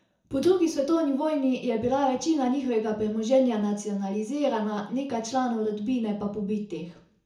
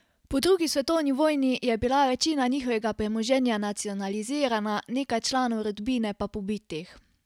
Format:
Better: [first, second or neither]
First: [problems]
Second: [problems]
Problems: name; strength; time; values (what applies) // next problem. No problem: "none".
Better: second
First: room echo; dies away in 0.6 s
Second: none